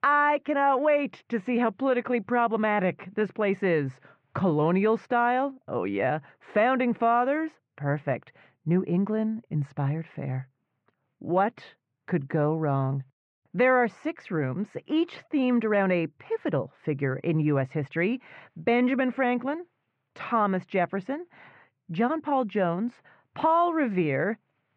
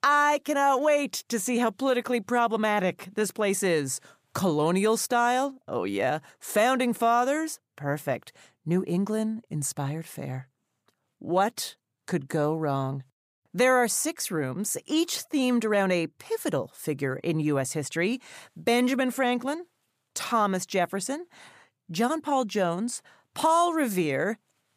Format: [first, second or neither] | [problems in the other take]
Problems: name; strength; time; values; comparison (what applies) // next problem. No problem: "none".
second | muffled; very; fading above 2.5 kHz